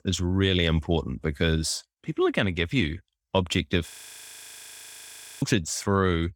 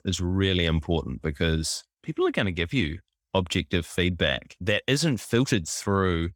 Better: second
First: audio freezing; at 4 s for 1.5 s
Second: none

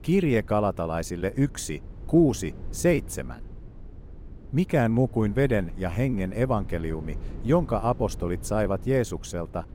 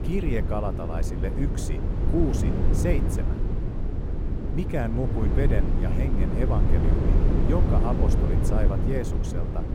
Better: first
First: low rumble; faint; throughout; 25 dB below the speech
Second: low rumble; loud; throughout; 2 dB below the speech

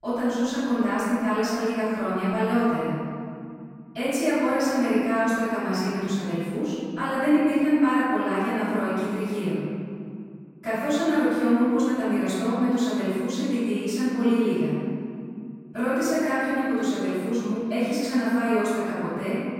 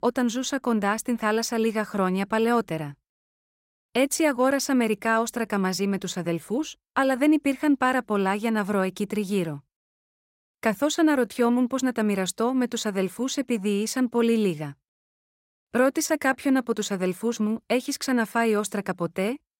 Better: second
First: off-mic speech; far // room echo; strong; dies away in 2.4 s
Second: none

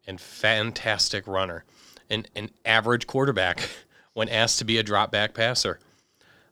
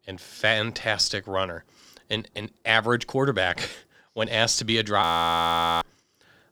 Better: first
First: none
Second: audio freezing; at 5 s for 1 s

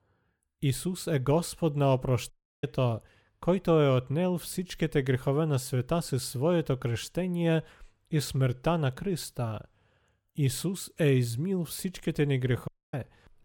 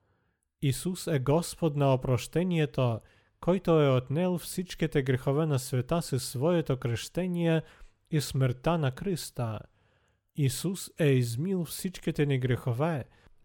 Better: second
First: audio cutting out; at 2.5 s and at 13 s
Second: none

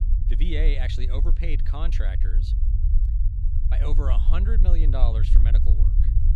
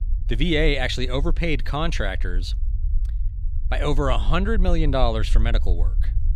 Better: second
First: low rumble; loud; throughout; 7 dB below the speech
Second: low rumble; faint; throughout; 25 dB below the speech

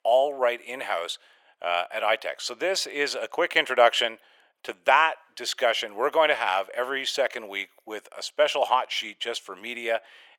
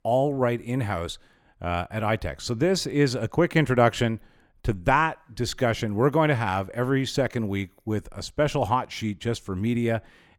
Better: second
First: thin; very; fading below 550 Hz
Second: none

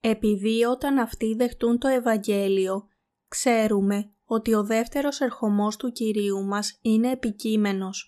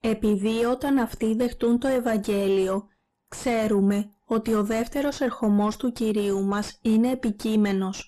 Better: first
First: none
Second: distortion; slight; 10 dB below the speech

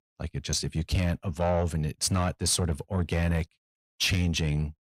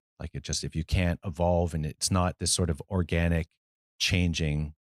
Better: second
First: distortion; slight; 10 dB below the speech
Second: none

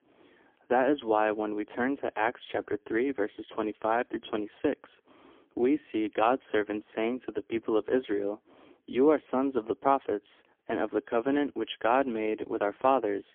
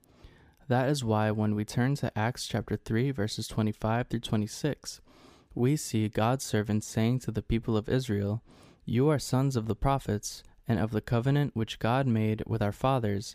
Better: second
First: phone-call audio; poor line; nothing above 3.5 kHz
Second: none

